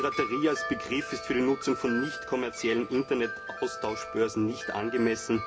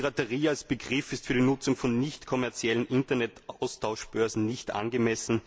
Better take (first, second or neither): second